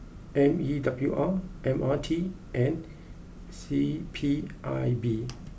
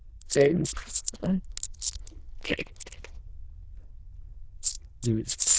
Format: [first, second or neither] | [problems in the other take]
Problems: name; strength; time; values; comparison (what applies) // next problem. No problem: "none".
first | noise reduction (neural diffusion model UNIVERSE++)